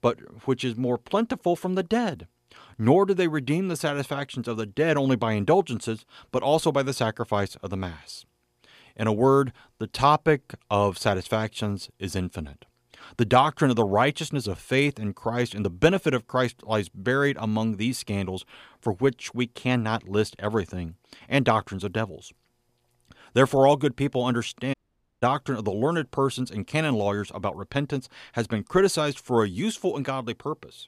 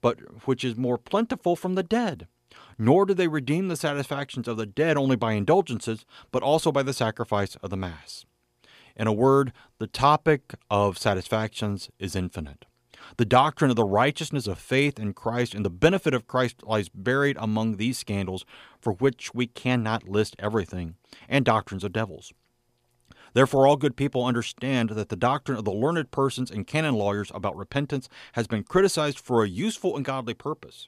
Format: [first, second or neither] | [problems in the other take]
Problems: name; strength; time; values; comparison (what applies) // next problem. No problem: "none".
second | audio cutting out; at 25 s